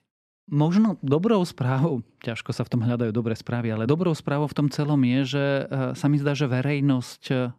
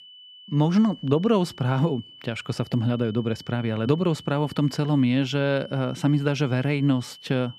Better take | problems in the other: first | high-pitched whine; faint; throughout; 3 kHz, 20 dB below the speech

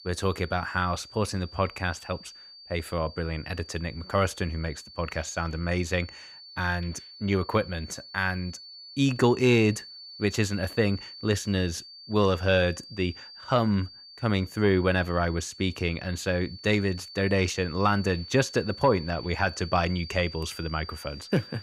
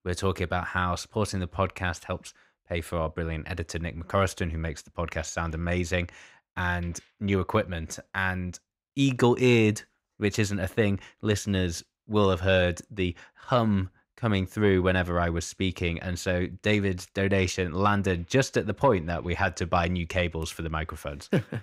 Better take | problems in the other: second | high-pitched whine; noticeable; throughout; 4.5 kHz, 15 dB below the speech

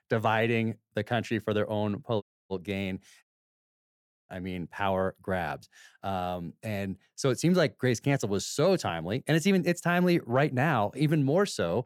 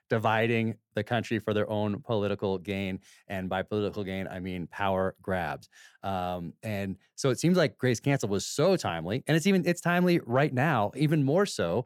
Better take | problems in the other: second | audio cutting out; at 2 s and at 3 s for 1 s

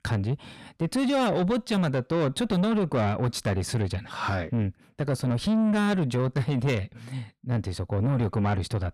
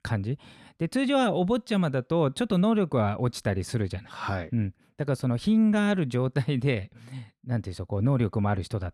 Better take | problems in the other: second | distortion; slight; 10 dB below the speech

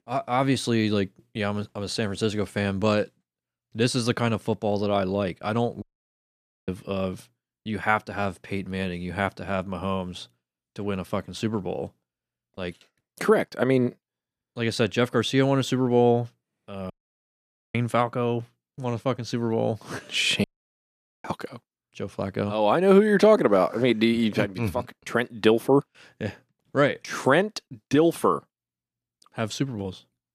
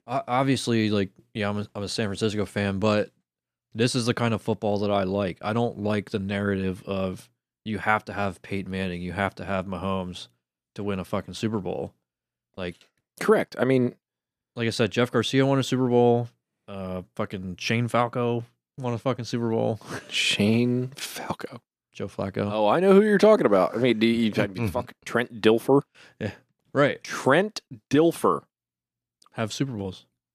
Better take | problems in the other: second | audio cutting out; at 6 s for 1 s, at 17 s for 1 s and at 20 s for 1 s

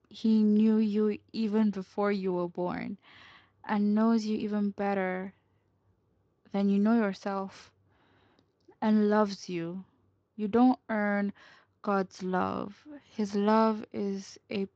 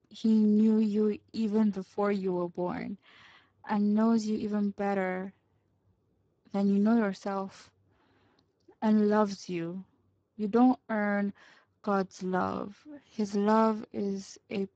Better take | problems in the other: first | garbled, watery; badly; nothing above 7.5 kHz; slightly in the first

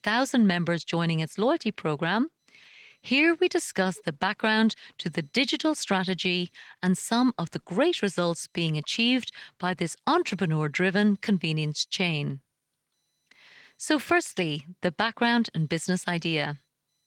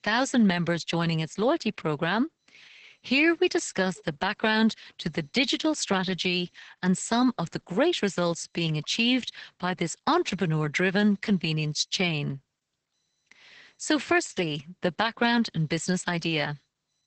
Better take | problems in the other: first | garbled, watery; badly; nothing above 8 kHz; slightly in the first

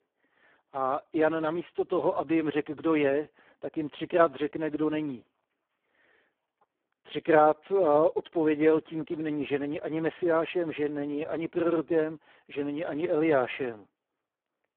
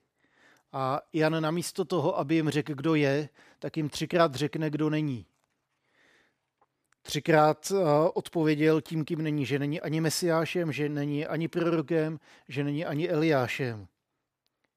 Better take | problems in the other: second | phone-call audio; poor line

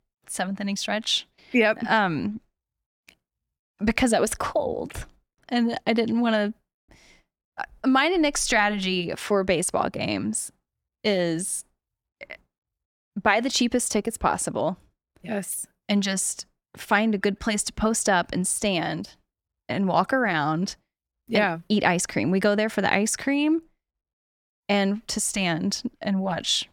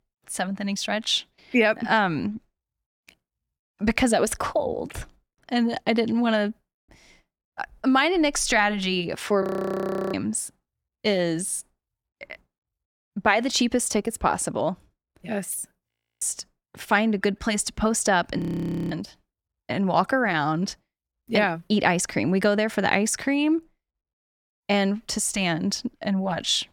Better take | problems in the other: first | audio freezing; at 9.5 s for 0.5 s, at 16 s and at 18 s for 0.5 s

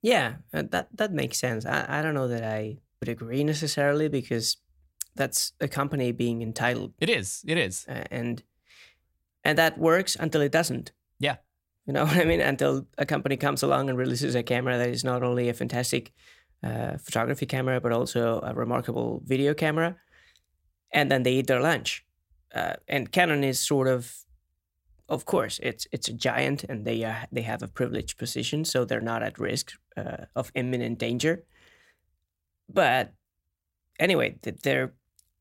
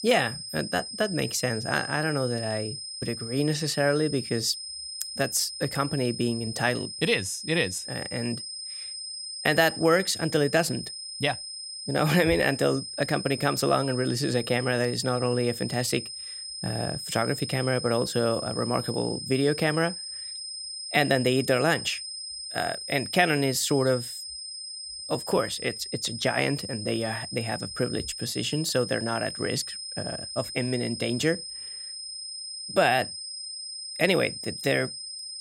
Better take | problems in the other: first | high-pitched whine; loud; throughout; 5 kHz, 8 dB below the speech

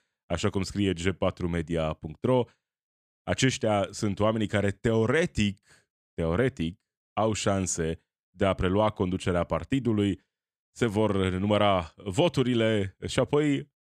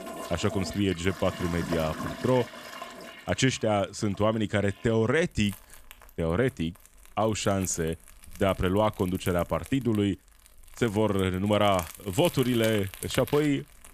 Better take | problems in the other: first | household noises; noticeable; throughout; 15 dB below the speech

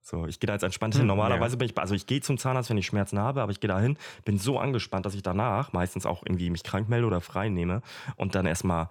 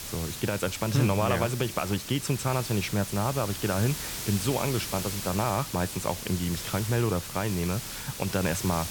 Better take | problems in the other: first | hiss; loud; throughout; 6 dB below the speech

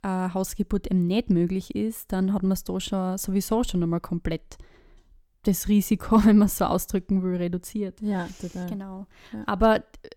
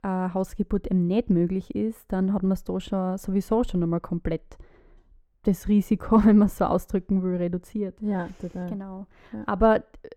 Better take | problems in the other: first | muffled; slightly; fading above 2.5 kHz

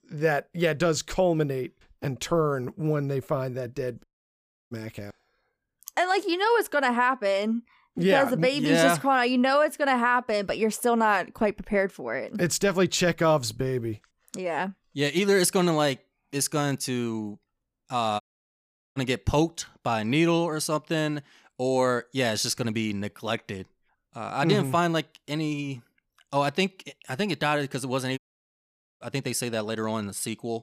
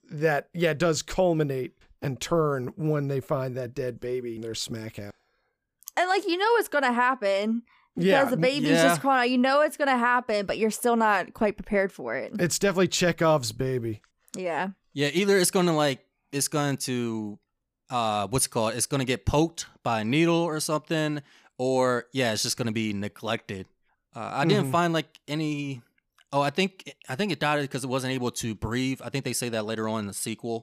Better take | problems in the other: second | audio cutting out; at 4 s for 0.5 s, at 18 s for 1 s and at 28 s for 1 s

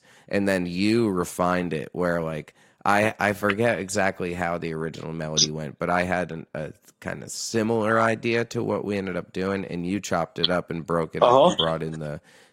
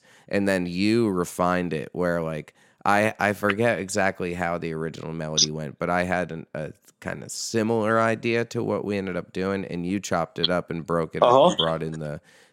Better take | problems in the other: second | garbled, watery; slightly; nothing above 16 kHz

